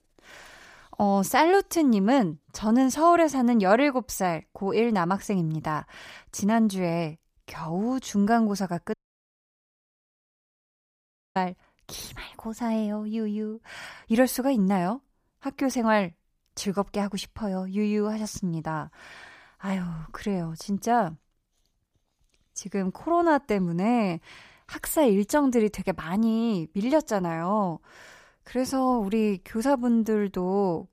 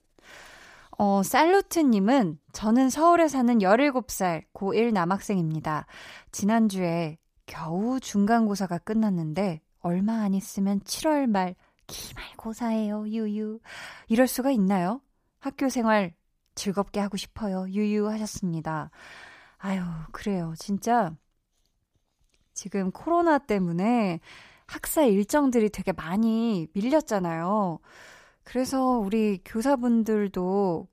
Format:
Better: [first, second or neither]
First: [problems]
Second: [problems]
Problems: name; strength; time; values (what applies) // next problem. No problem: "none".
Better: second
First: audio cutting out; at 9 s for 2.5 s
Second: none